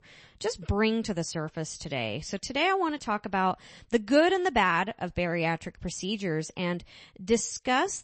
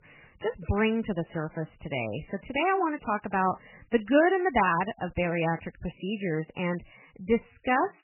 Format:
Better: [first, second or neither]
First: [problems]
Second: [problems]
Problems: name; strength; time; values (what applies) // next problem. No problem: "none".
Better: first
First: garbled, watery; slightly; nothing above 8 kHz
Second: garbled, watery; badly; nothing above 3 kHz